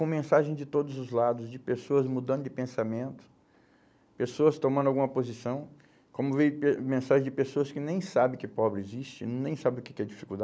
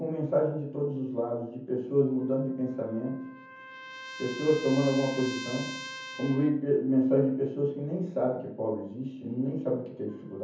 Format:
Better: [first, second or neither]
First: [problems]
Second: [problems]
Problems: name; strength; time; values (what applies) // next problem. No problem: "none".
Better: first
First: none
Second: background sound (Trumpet); 16 dB below the speech // room echo; dies away in 0.7 s